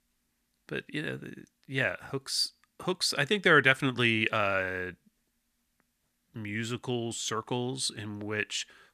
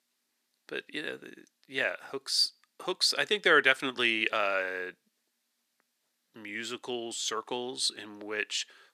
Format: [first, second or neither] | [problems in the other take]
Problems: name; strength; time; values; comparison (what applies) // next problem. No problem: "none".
first | thin; somewhat; fading below 400 Hz